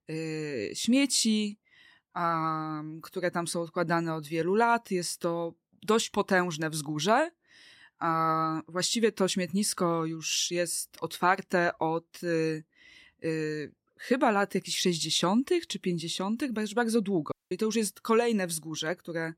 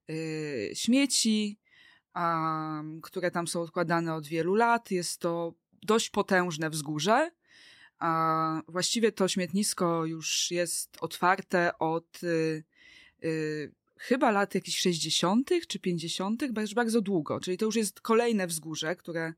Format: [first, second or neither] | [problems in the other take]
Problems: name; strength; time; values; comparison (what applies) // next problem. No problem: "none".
second | audio cutting out; at 17 s